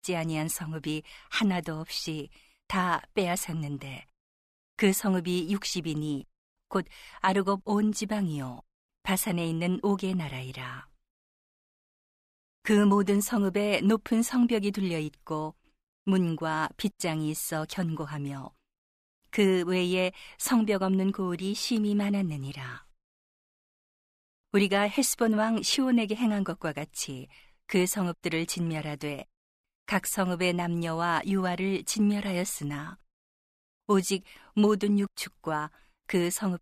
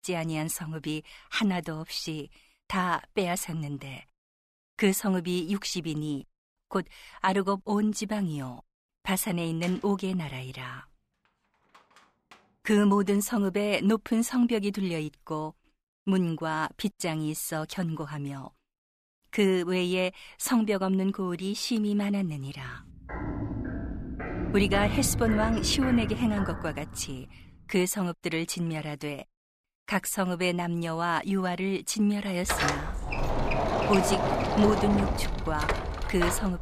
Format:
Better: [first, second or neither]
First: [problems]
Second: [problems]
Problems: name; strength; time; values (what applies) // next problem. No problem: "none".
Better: first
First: none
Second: door banging; faint; from 9.5 to 12 s; peak 15 dB below the speech // footsteps; noticeable; from 23 to 27 s; peak 2 dB below the speech // door banging; loud; from 32 s on; peak 2 dB above the speech